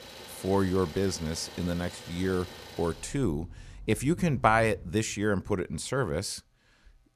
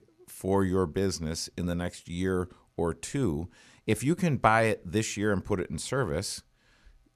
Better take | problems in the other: second | traffic noise; noticeable; until 5 s; 15 dB below the speech

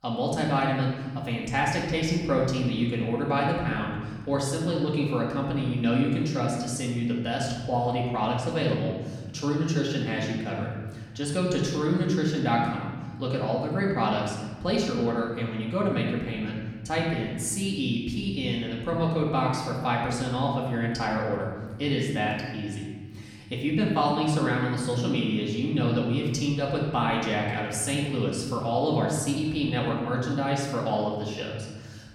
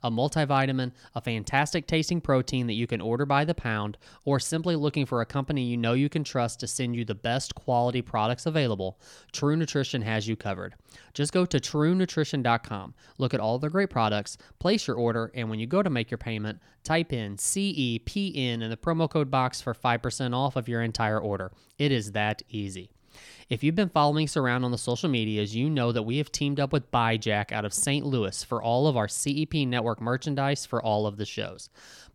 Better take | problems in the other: second | room echo; noticeable; dies away in 1.6 s // off-mic speech; far

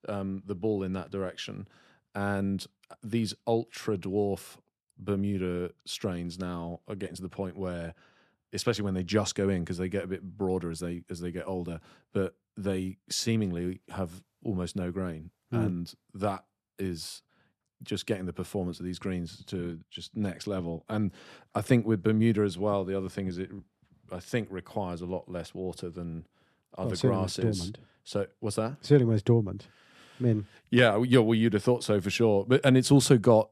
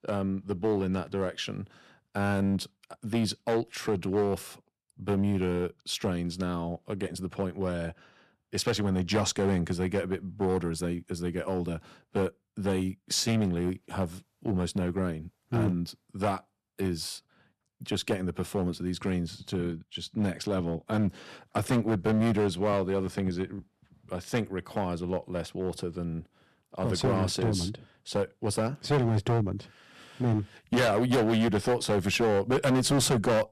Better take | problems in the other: first | distortion; heavy; 7% of the sound clipped

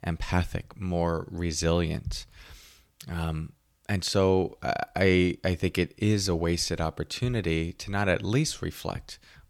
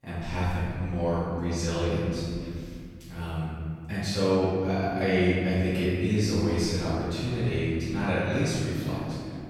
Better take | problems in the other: first | off-mic speech; far // room echo; strong; dies away in 2.4 s

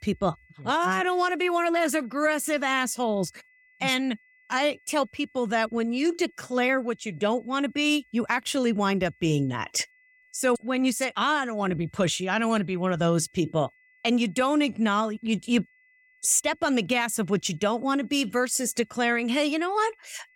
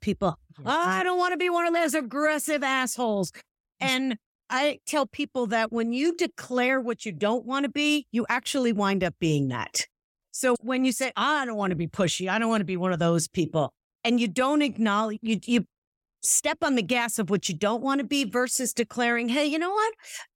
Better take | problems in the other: second | high-pitched whine; faint; throughout; 2 kHz, 35 dB below the speech

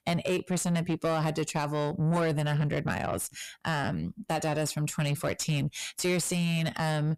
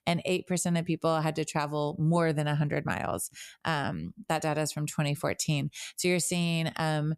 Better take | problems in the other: second | distortion; slight; 10 dB below the speech

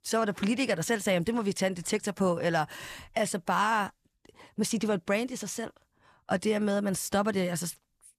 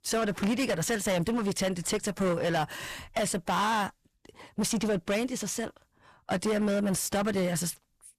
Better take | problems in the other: first | distortion; heavy; 15% of the sound clipped

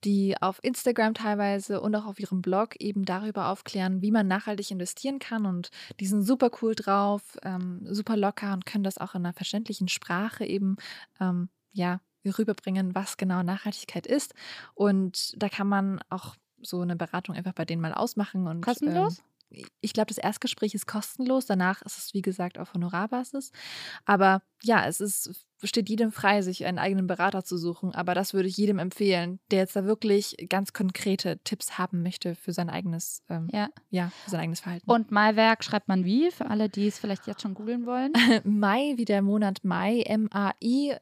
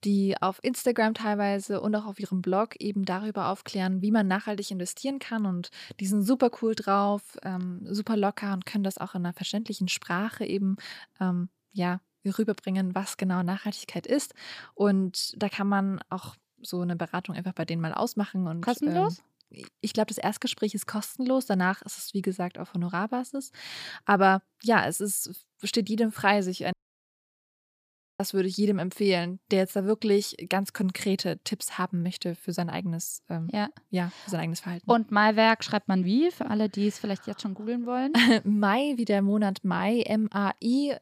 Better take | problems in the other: first | audio cutting out; at 27 s for 1.5 s

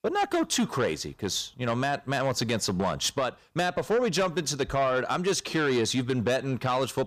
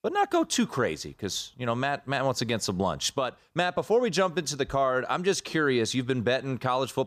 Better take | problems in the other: second | distortion; slight; 10 dB below the speech

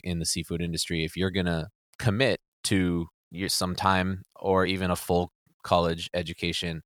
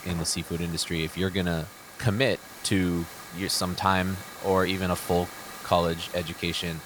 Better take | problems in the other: first | hiss; noticeable; throughout; 15 dB below the speech

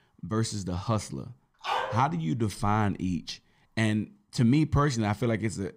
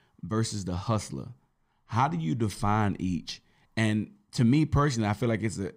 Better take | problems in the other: second | dog barking; noticeable; at 1.5 s; peak 2 dB below the speech

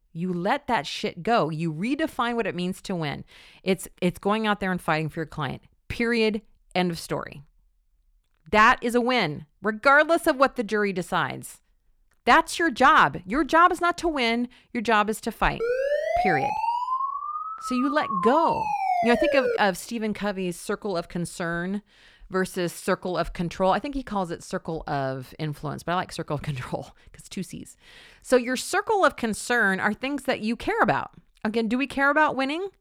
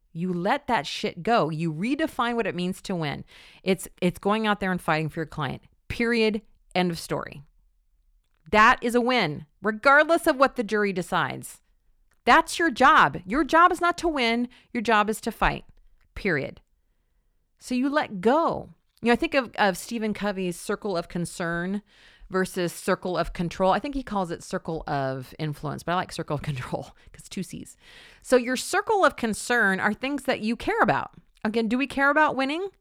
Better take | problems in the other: second | siren; noticeable; from 16 to 20 s; peak level with the speech

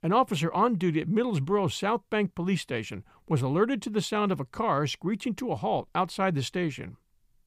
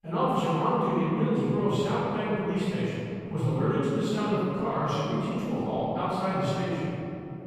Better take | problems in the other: first | room echo; strong; dies away in 3 s // off-mic speech; far

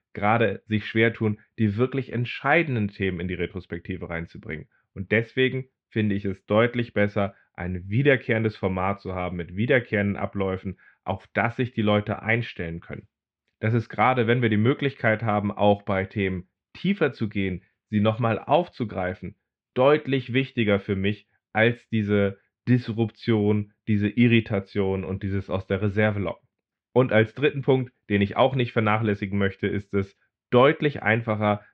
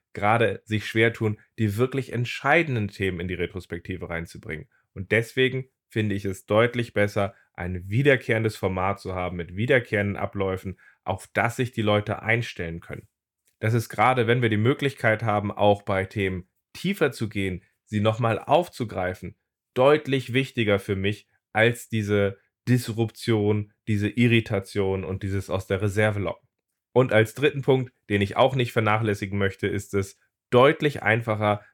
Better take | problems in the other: second | muffled; slightly; fading above 4 kHz

